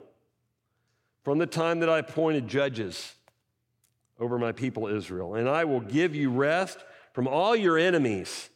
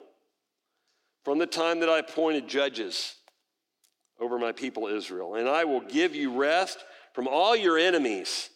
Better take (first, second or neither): first